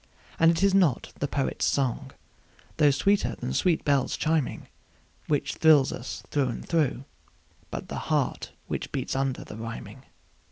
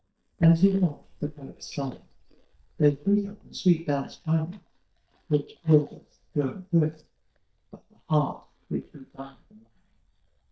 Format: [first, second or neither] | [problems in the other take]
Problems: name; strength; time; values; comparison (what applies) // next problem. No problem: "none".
first | noise reduction (neural mask model DeepFilterNet 3)